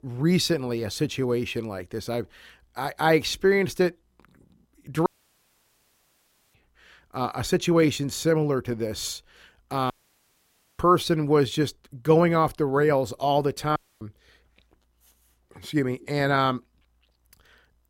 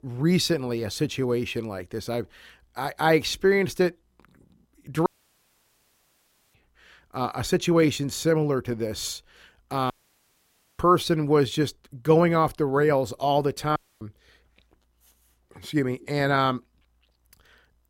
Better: neither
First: audio cutting out; at 5 s for 1.5 s, at 10 s for 1 s and at 14 s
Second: audio cutting out; at 5 s for 1.5 s, at 10 s for 1 s and at 14 s

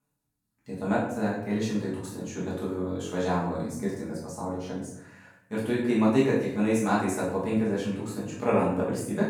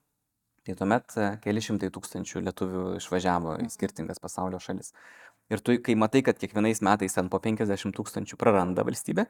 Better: second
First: off-mic speech; far // room echo; noticeable; dies away in 0.7 s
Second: none

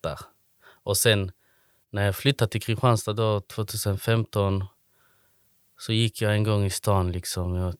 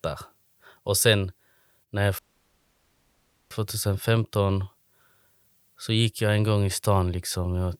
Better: first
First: none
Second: audio cutting out; at 2 s for 1.5 s

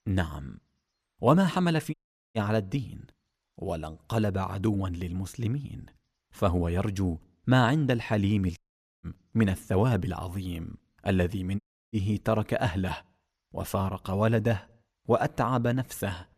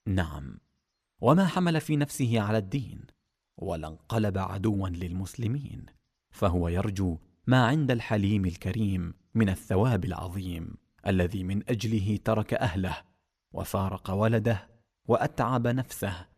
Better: second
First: audio cutting out; at 2 s, at 8.5 s and at 12 s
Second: none

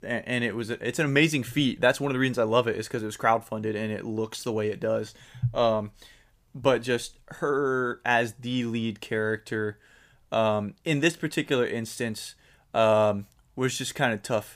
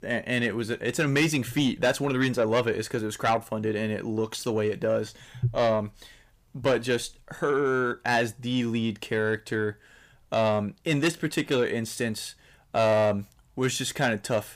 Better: first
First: none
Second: distortion; slight; 10 dB below the speech

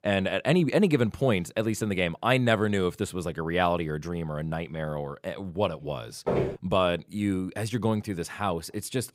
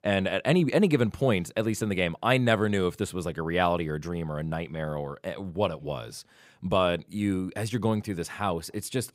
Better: second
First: footsteps; noticeable; at 6.5 s; peak 1 dB below the speech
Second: none

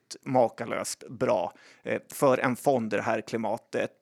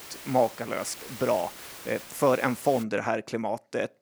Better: first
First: none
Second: hiss; noticeable; until 3 s; 15 dB below the speech

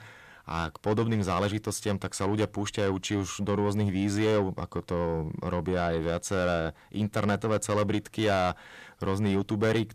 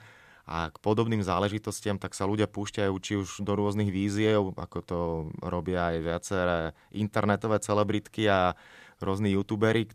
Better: second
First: distortion; slight; 10 dB below the speech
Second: none

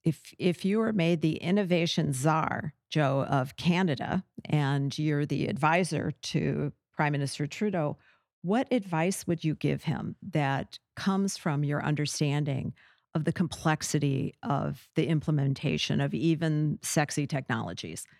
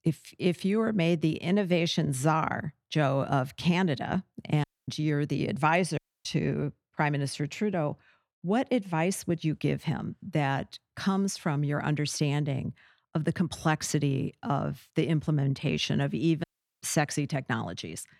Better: first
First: none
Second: audio cutting out; at 4.5 s, at 6 s and at 16 s

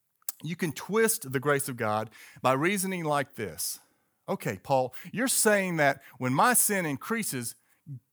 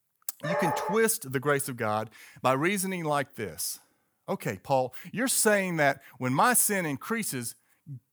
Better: first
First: none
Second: dog barking; noticeable; at 0.5 s; peak 2 dB below the speech

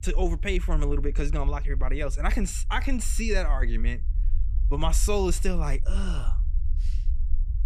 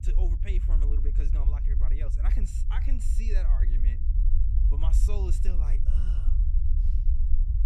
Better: first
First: low rumble; faint; throughout; 20 dB below the speech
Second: low rumble; loud; throughout; 3 dB below the speech

